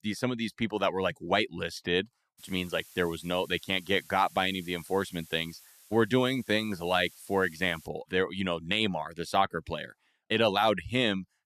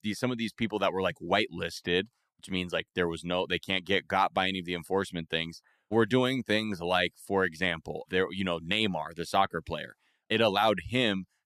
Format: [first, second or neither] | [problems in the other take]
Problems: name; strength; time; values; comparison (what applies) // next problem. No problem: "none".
second | hiss; faint; from 2.5 to 8 s; 20 dB below the speech